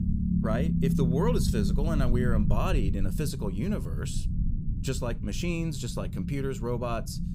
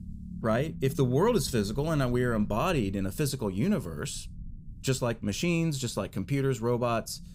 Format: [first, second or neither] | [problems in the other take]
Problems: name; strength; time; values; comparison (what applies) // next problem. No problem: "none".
second | low rumble; loud; throughout; 6 dB below the speech; faint in the second